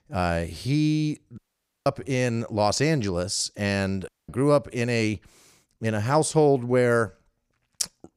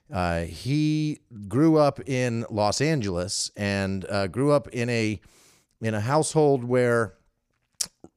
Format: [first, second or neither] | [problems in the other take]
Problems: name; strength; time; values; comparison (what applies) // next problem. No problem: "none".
second | audio cutting out; at 1.5 s and at 4 s